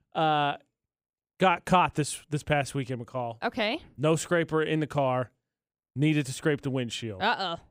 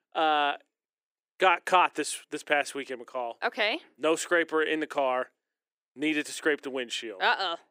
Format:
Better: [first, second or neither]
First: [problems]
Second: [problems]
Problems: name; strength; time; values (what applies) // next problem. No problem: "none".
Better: first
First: none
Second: thin; somewhat; fading below 350 Hz